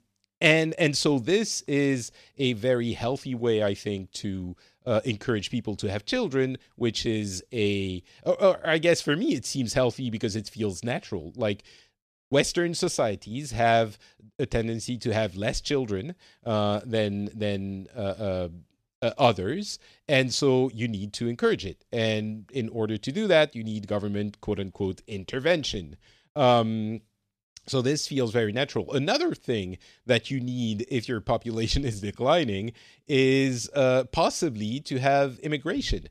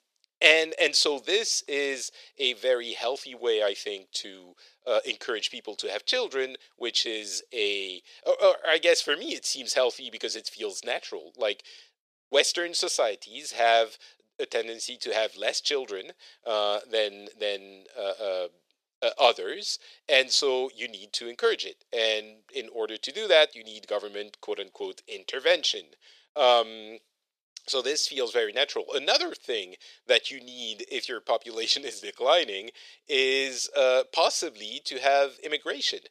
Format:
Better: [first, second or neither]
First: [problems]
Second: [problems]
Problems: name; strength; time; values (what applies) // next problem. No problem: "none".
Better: first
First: none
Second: thin; very; fading below 450 Hz